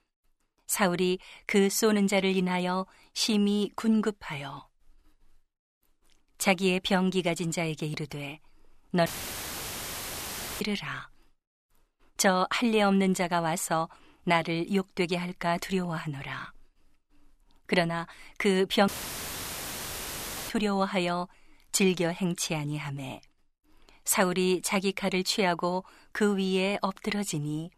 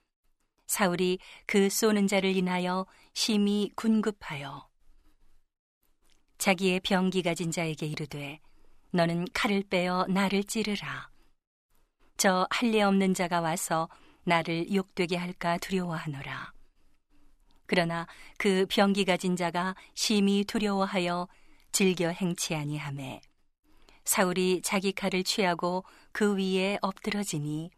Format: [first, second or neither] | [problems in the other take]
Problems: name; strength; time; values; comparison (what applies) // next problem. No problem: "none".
second | audio cutting out; filled with static; at 9 s for 1.5 s and at 19 s for 1.5 s